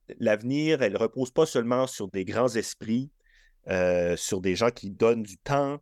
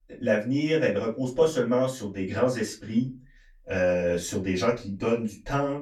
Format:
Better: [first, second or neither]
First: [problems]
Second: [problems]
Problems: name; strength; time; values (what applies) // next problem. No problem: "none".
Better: first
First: none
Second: off-mic speech; far // room echo; very slight; dies away in 0.2 s